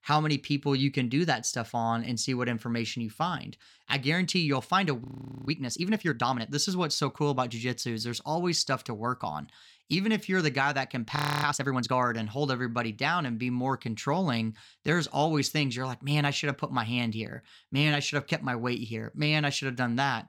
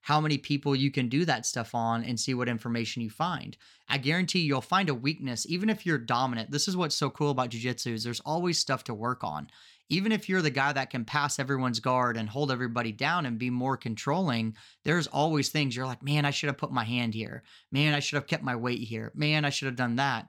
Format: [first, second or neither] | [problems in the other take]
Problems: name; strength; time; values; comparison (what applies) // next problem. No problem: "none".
second | audio freezing; at 5 s and at 11 s